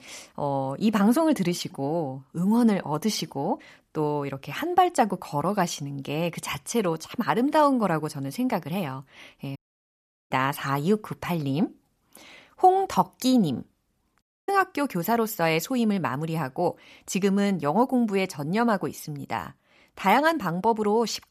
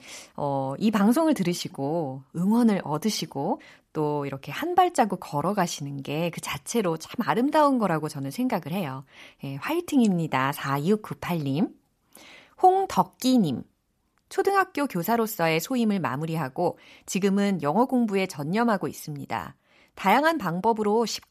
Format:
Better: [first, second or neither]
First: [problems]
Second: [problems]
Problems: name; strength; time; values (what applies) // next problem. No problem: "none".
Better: second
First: audio cutting out; at 9.5 s for 0.5 s and at 14 s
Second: none